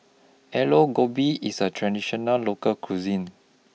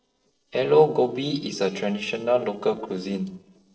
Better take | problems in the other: first | noise reduction (neural separator model SepFormer DNS4)

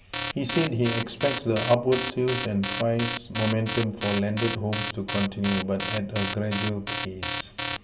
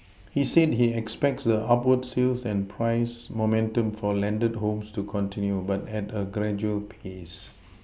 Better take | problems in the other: second | background sound (Alarm); 6 dB below the speech // room echo; dies away in 1.6 s

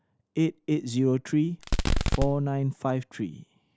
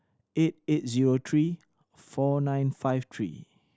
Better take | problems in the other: second | background sound (Fireworks); 2 dB above the speech

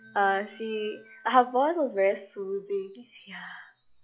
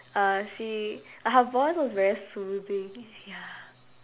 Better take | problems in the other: second | noise reduction (classical method log-MMSE)

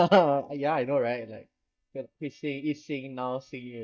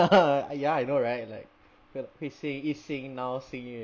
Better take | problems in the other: second | noise reduction (neural mask model DeepFilterNet 3)

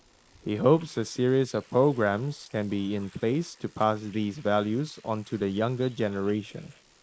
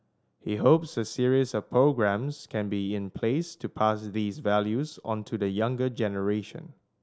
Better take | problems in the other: second | noise reduction (neural mask model Resemble Enhance denoiser)

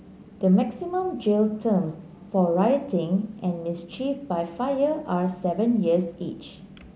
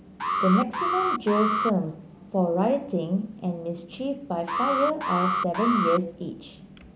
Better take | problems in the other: first | background sound (Alarm); as loud as the speech

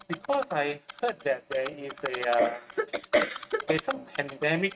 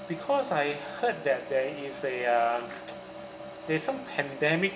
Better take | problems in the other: second | noise reduction (neural mask model RNNoise)

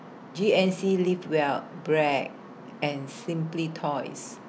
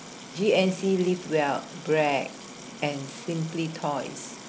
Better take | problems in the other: first | background sound (Sink (filling or washing) / Water tap, faucet); 19 dB below the speech

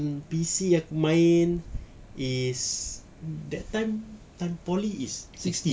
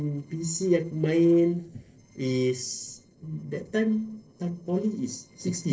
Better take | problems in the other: first | noise reduction (neural separator model SepFormer DNS4)

